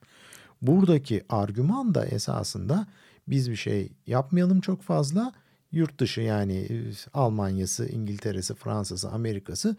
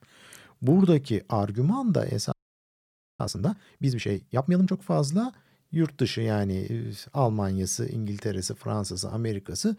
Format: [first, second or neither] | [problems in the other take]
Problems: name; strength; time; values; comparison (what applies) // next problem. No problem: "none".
first | audio freezing; at 2.5 s for 1 s